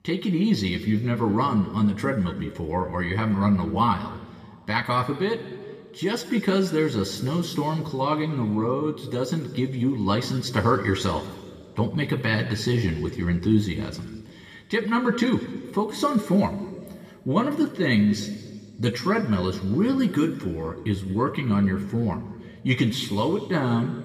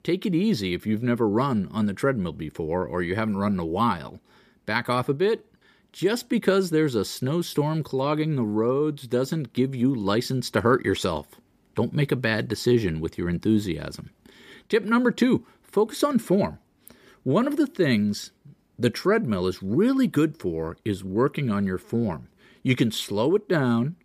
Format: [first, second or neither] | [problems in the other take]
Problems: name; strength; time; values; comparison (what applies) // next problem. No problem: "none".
second | room echo; slight; dies away in 1.6 s // off-mic speech; somewhat distant